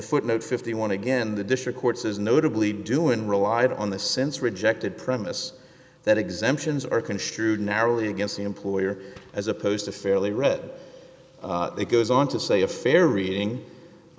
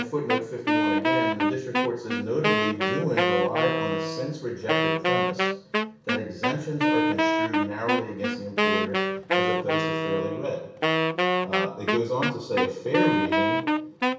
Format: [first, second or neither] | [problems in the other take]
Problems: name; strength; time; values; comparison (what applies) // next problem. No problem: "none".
first | background sound (Wind instrument, woodwind instrument); 5 dB above the speech // room echo; dies away in 0.6 s